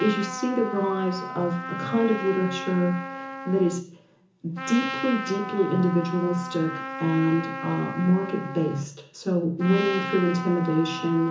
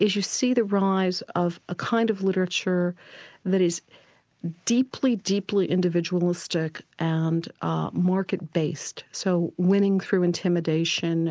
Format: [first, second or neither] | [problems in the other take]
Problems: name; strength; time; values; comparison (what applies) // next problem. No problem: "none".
second | background sound (Trumpet); 9 dB below the speech // room echo; dies away in 0.7 s